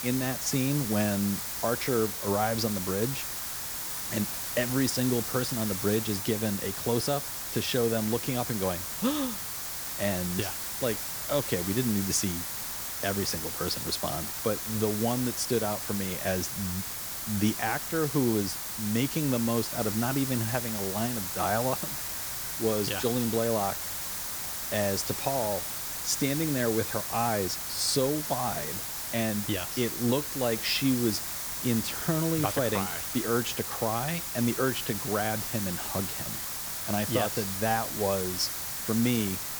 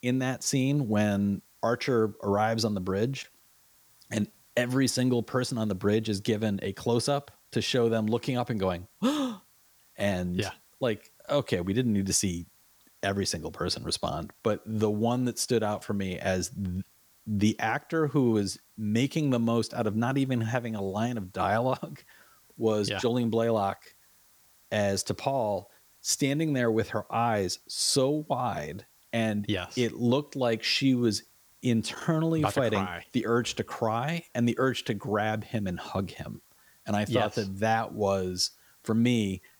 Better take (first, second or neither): second